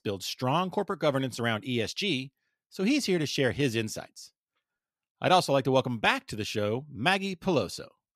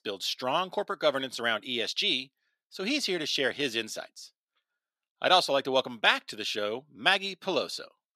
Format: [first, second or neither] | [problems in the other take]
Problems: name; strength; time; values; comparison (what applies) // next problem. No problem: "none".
first | thin; somewhat; fading below 300 Hz